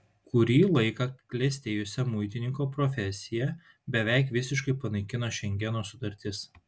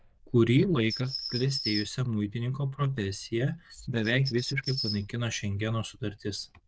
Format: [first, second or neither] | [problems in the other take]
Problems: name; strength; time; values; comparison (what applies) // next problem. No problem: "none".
first | noise reduction (neural diffusion model UNIVERSE++)